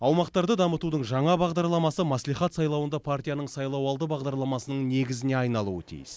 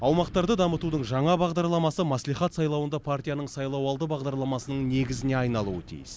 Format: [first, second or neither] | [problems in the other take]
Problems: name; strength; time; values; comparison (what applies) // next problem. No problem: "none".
first | background sound (Wind); 18 dB below the speech